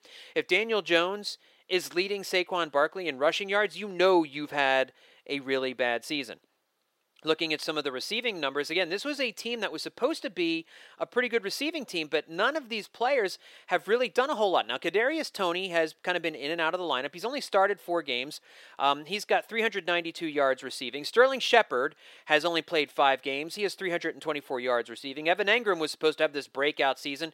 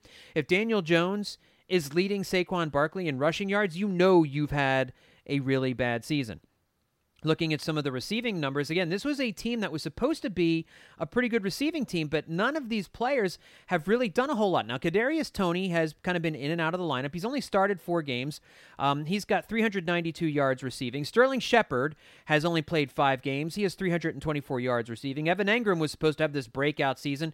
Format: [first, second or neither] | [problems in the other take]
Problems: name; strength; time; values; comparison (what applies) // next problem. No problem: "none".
second | thin; somewhat; fading below 450 Hz